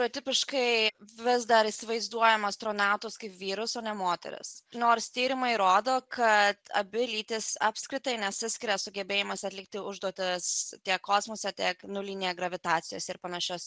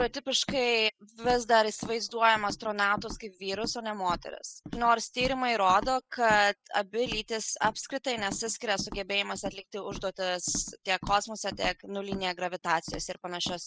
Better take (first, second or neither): first